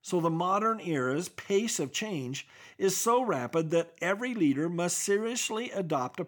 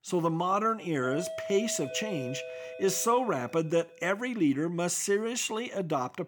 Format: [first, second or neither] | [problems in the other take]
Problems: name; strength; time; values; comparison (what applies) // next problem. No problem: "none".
first | doorbell; noticeable; from 1 to 4 s; peak 8 dB below the speech